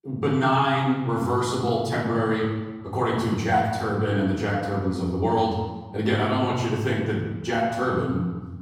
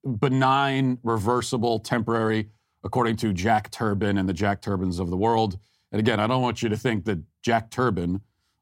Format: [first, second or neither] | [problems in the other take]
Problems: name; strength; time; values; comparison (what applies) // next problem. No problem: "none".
second | room echo; noticeable; dies away in 1.2 s // off-mic speech; far